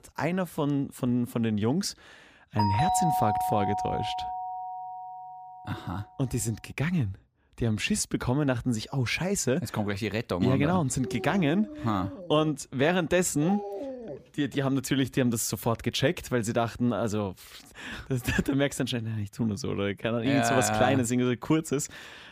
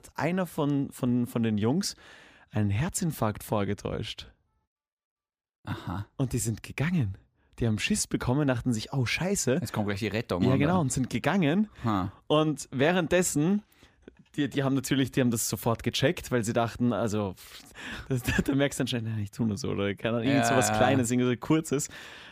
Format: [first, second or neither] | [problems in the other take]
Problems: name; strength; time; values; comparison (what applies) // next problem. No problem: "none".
second | doorbell; loud; from 2.5 to 5.5 s; peak 2 dB above the speech // dog barking; noticeable; from 11 to 14 s; peak 7 dB below the speech